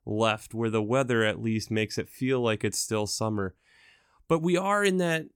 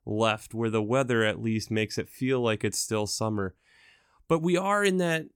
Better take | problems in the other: neither | none

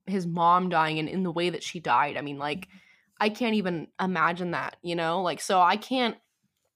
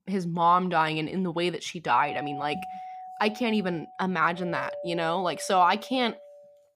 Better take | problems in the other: first | doorbell; noticeable; from 2 s on; peak 9 dB below the speech

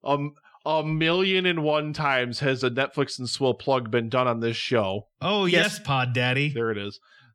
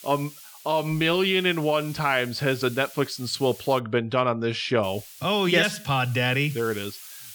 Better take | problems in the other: first | hiss; noticeable; until 4 s and from 5 s on; 20 dB below the speech

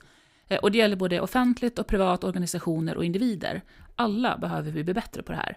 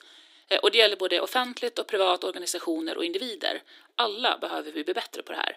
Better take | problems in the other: first | thin; very; fading below 300 Hz

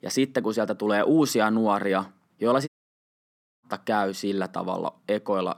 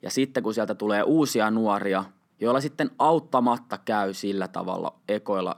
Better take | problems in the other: second | audio cutting out; at 2.5 s for 1 s

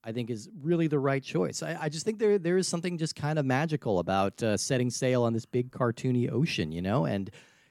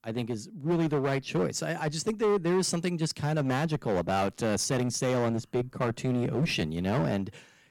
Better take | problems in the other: first | distortion; slight; 12% of the sound clipped

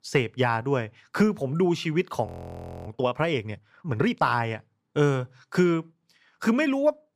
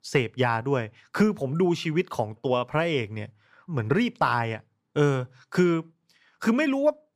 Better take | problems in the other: second | audio freezing; at 2.5 s for 0.5 s

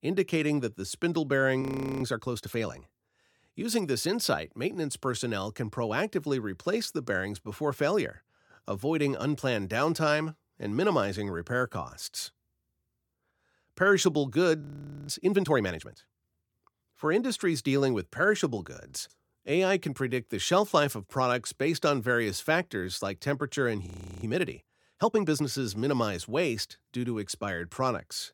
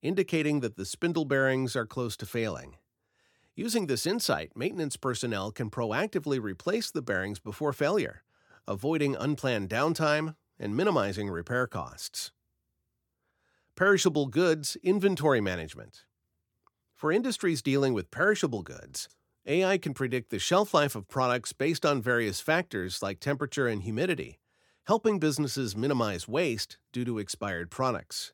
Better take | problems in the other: second | audio freezing; at 1.5 s, at 15 s and at 24 s

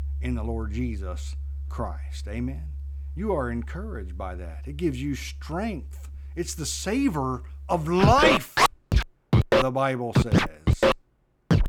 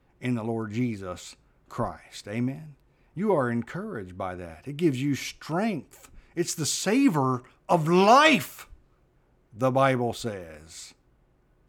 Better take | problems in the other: second | background music; very loud; throughout; 2 dB above the speech

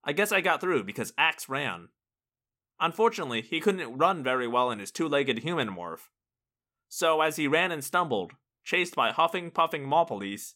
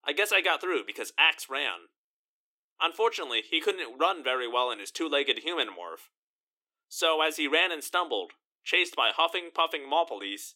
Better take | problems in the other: first | thin; somewhat; fading below 300 Hz

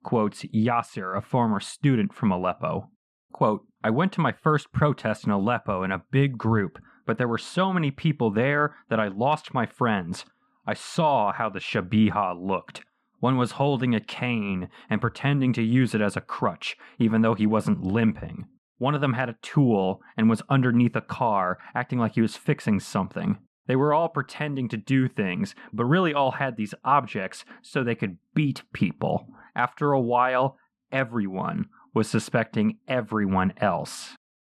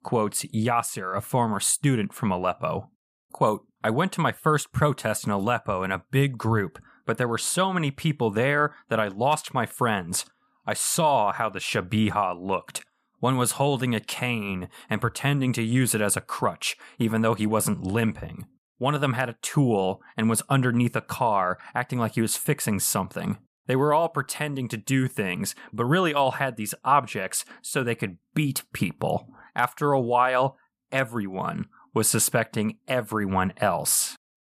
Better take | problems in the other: second | muffled; slightly; fading above 3.5 kHz

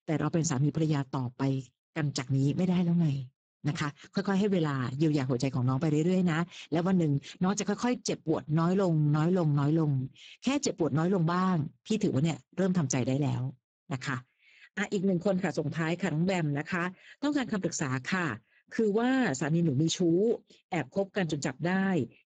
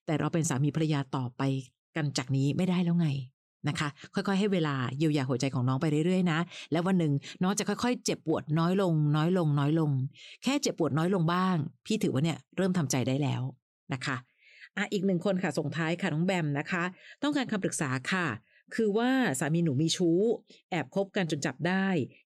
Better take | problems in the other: second | garbled, watery; badly; nothing above 7.5 kHz

